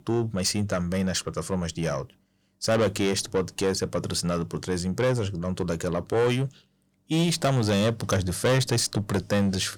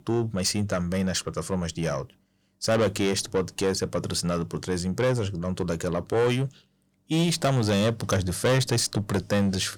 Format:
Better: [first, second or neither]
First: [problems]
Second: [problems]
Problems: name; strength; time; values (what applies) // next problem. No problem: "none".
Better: neither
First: distortion; heavy; 7 dB below the speech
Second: distortion; heavy; 7 dB below the speech